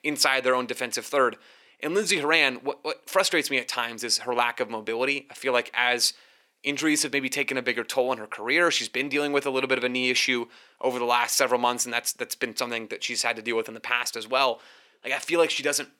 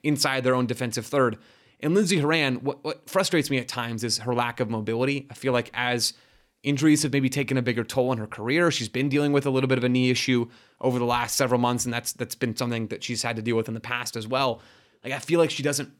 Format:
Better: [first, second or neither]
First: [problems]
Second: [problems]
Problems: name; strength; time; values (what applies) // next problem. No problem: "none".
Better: second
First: thin; somewhat; fading below 450 Hz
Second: none